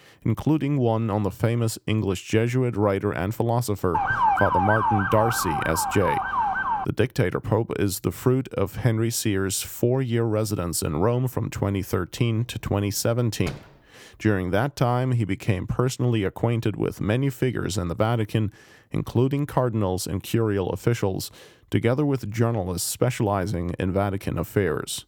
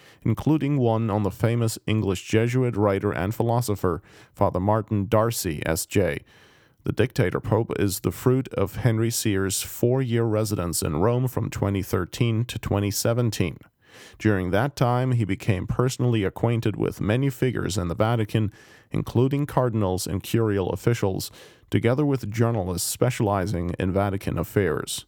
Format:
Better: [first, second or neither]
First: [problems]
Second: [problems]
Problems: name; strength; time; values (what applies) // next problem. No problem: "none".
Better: second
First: siren; loud; from 4 to 7 s; peak 4 dB above the speech // door banging; faint; at 13 s; peak 15 dB below the speech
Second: none